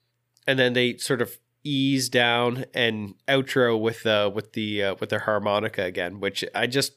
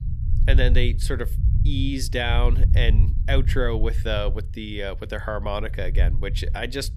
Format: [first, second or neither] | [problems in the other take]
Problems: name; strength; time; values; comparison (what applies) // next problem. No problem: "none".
first | low rumble; noticeable; throughout; 15 dB below the speech